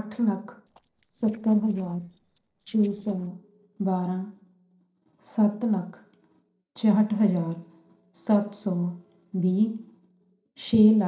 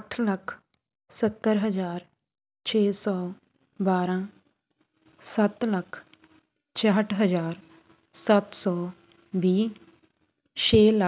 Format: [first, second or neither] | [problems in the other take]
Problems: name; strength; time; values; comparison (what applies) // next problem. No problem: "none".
second | noise reduction (neural separator model SepFormer DNS4)